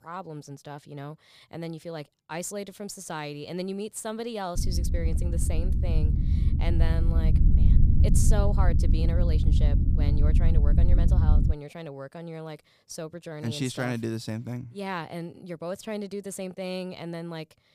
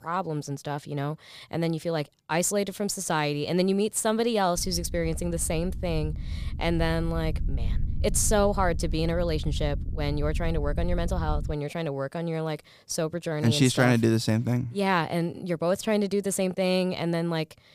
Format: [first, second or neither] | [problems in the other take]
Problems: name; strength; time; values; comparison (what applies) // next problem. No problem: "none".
second | low rumble; loud; from 4.5 to 12 s; 3 dB below the speech; faint in the second